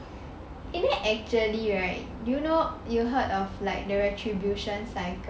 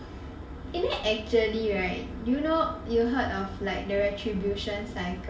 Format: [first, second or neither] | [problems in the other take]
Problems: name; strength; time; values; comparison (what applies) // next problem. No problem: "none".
first | room echo; dies away in 0.5 s